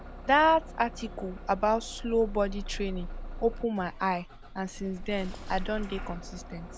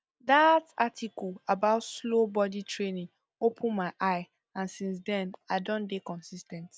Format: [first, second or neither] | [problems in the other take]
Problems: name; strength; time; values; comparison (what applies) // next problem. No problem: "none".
second | background sound (Engine starting / Bus); 9 dB below the speech